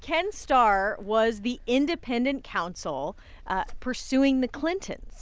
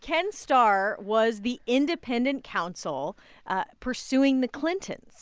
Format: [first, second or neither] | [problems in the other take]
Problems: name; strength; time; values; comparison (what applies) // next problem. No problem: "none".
second | background sound (Purr); 17 dB below the speech